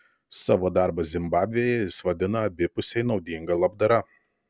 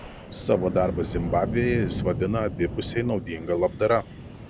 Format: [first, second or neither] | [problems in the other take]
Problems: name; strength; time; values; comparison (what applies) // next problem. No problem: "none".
first | background sound (Wind); 7 dB below the speech